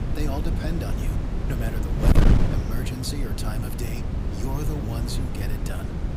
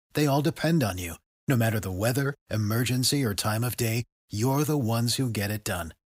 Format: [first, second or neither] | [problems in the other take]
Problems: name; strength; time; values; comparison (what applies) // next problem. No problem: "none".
second | wind noise on the microphone; heavy; 2 dB above the speech